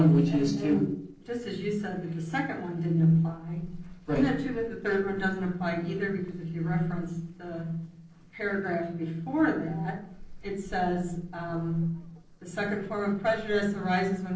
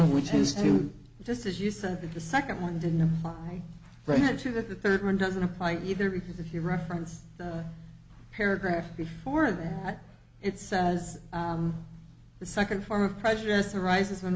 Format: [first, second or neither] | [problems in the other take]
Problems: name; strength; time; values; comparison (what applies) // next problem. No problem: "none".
second | noise reduction (neural separator model SepFormer DNS4)